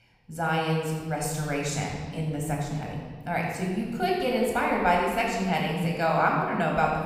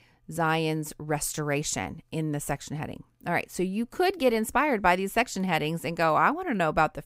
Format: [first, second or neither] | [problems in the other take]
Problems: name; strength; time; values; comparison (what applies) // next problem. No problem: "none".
second | off-mic speech; somewhat distant // room echo; noticeable; dies away in 1.8 s